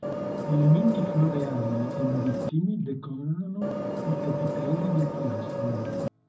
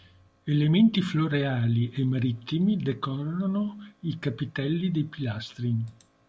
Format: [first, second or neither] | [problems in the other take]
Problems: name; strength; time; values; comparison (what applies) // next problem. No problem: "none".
second | background sound (Vehicle); 3 dB below the speech // room echo; dies away in 0.4 s